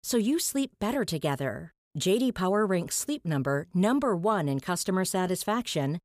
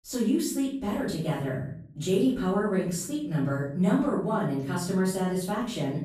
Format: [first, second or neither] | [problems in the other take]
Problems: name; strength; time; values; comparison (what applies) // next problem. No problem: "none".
first | off-mic speech; far // room echo; noticeable; dies away in 0.8 s